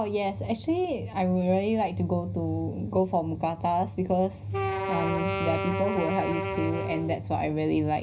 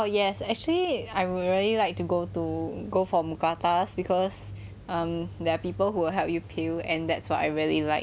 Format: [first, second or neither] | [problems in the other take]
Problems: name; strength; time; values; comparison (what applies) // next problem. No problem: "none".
second | background sound (Wind instrument, woodwind instrument); 5 dB below the speech // room echo; dies away in 0.4 s